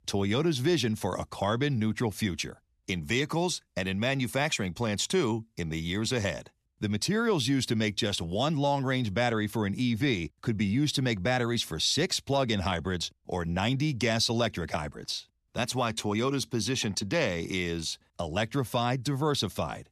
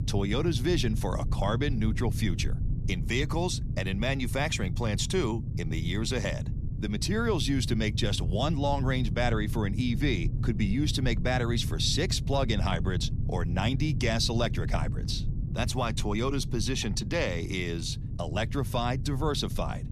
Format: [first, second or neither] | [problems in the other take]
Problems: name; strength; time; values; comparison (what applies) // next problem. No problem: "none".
first | low rumble; noticeable; throughout; 15 dB below the speech